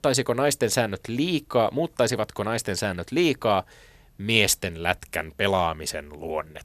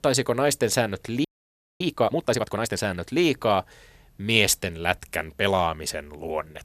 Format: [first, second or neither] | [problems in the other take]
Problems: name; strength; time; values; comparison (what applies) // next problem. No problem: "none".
first | audio freezing; at 1.5 s for 0.5 s